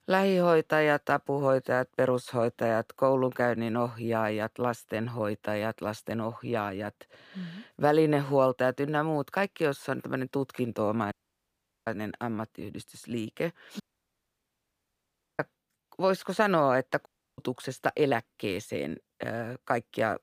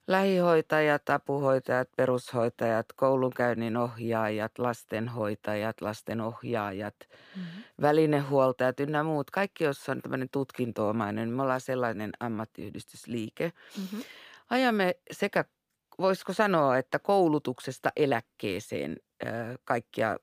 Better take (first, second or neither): second